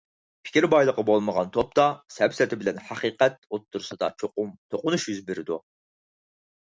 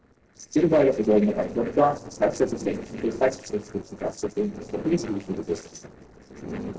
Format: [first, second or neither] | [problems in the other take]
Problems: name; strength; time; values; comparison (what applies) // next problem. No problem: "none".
first | noise reduction (neural separator model SepFormer DNS4)